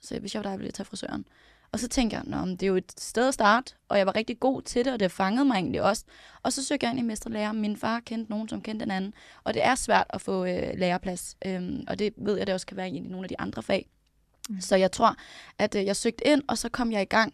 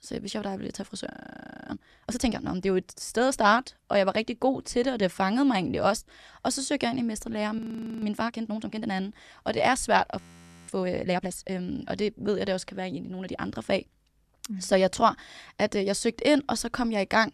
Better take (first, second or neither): first